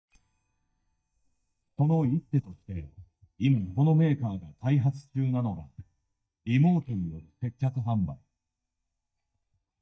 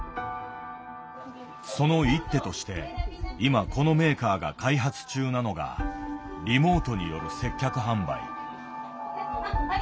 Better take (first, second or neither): second